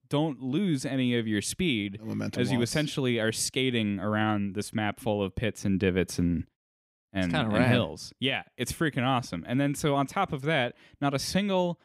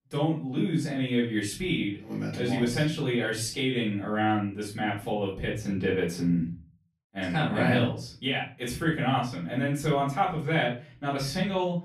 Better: first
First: none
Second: off-mic speech; far // room echo; slight; dies away in 0.3 s

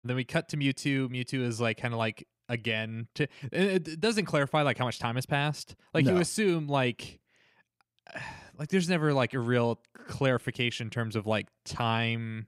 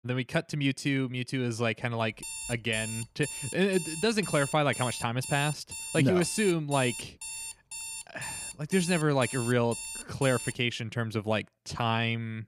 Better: first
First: none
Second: alarm; noticeable; from 2 to 11 s; peak 7 dB below the speech

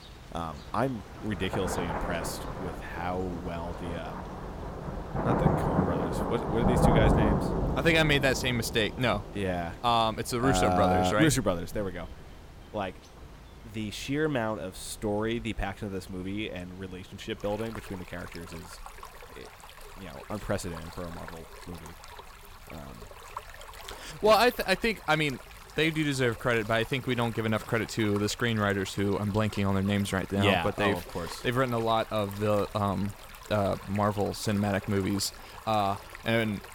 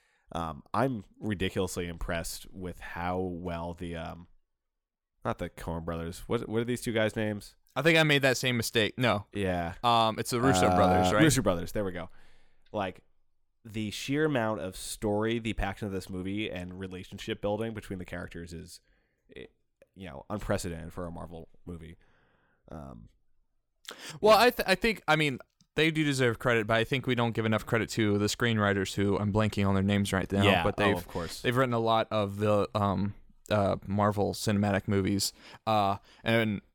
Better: second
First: rain or running water; loud; throughout; 7 dB below the speech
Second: none

